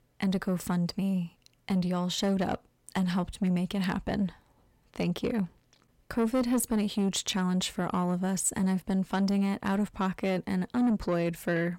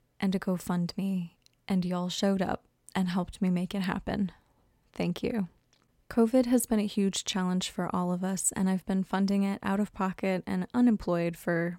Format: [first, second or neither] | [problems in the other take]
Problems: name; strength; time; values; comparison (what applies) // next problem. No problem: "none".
second | distortion; slight; 10 dB below the speech